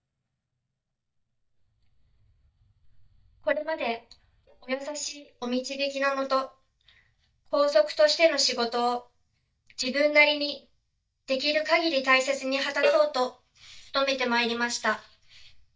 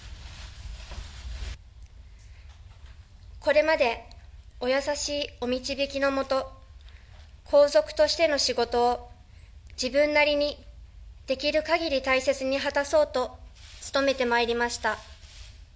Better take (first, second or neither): second